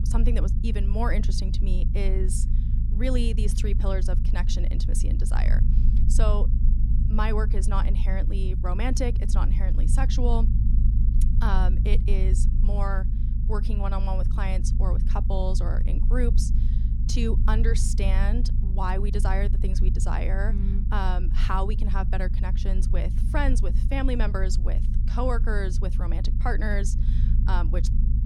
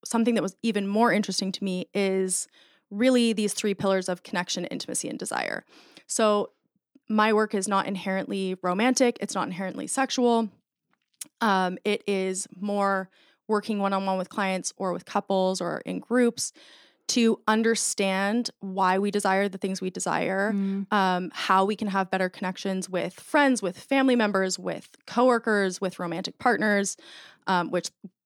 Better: second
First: low rumble; loud; throughout; 10 dB below the speech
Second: none

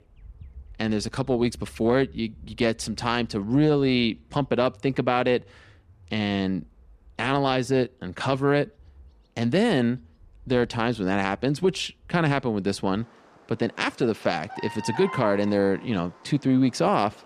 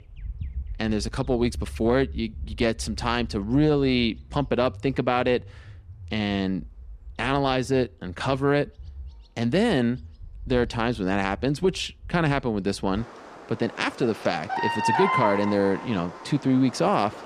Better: first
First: animal sounds; faint; throughout; 20 dB below the speech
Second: animal sounds; loud; throughout; 10 dB below the speech

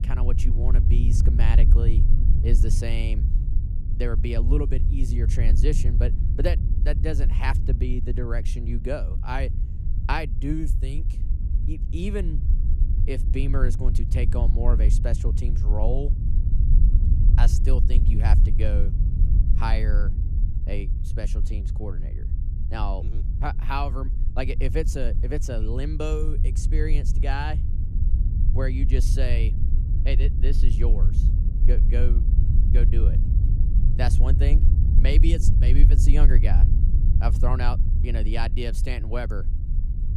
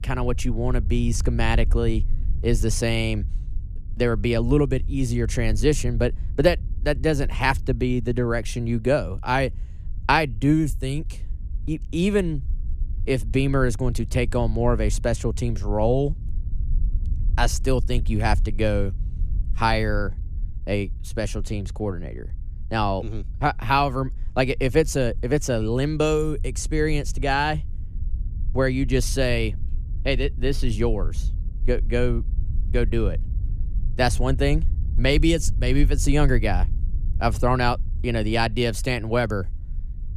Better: second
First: low rumble; loud; throughout; 7 dB below the speech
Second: low rumble; faint; throughout; 25 dB below the speech

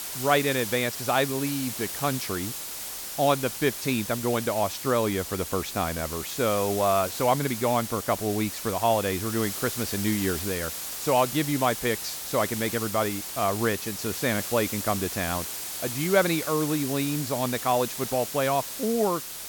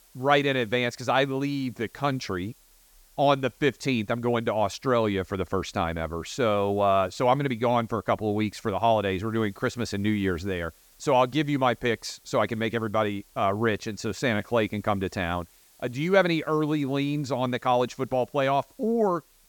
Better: second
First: hiss; loud; throughout; 5 dB below the speech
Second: hiss; faint; throughout; 30 dB below the speech

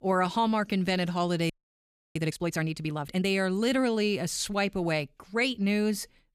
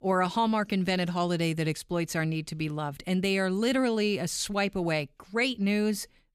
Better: second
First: audio freezing; at 1.5 s for 0.5 s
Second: none

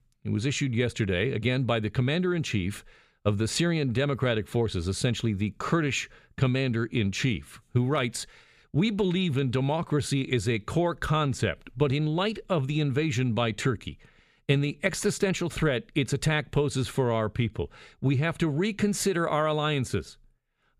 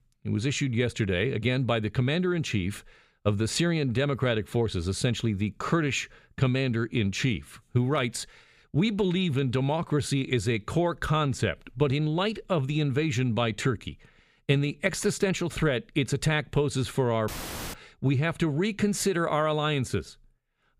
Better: first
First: none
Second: audio cutting out; filled with static; at 17 s

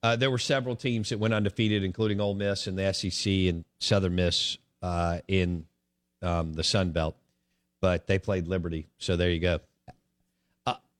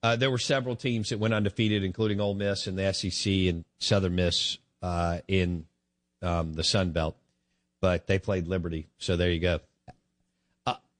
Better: first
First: none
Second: garbled, watery; slightly; nothing above 9 kHz

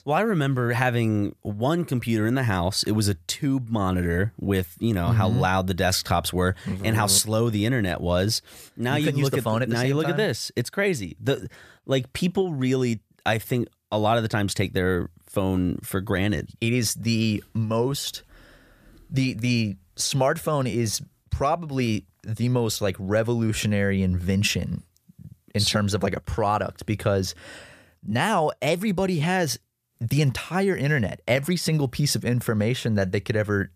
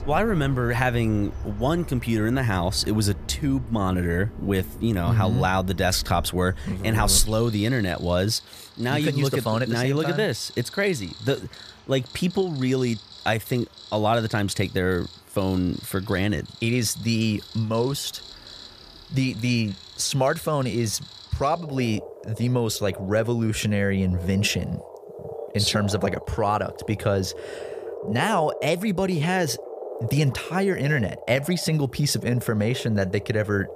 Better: first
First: none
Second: animal sounds; noticeable; throughout; 15 dB below the speech

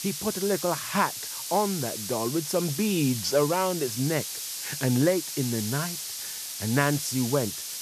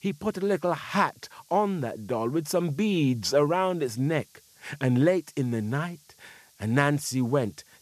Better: second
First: hiss; loud; throughout; 5 dB below the speech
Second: hiss; faint; throughout; 30 dB below the speech

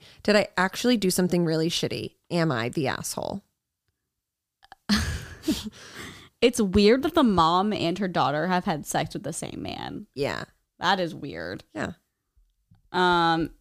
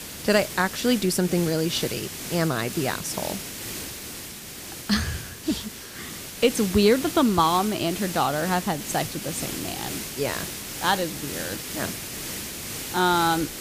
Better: first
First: none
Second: hiss; loud; throughout; 8 dB below the speech

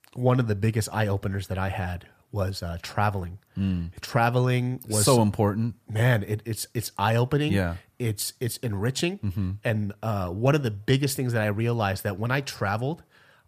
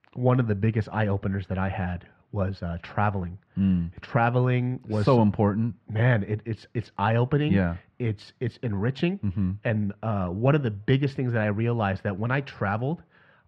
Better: first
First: none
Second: muffled; very; fading above 2.5 kHz

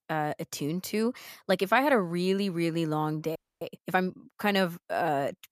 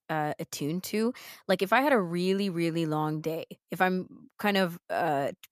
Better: second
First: audio freezing; at 3.5 s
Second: none

